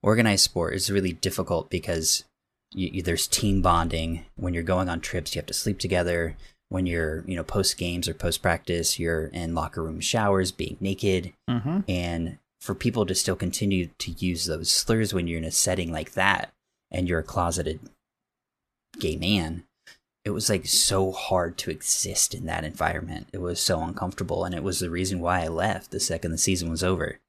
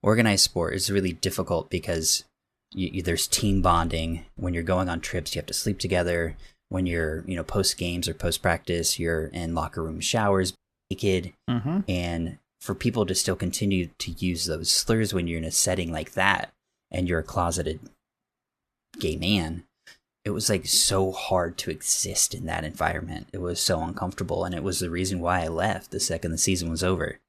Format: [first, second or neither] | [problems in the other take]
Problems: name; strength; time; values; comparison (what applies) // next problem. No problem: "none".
first | audio cutting out; at 11 s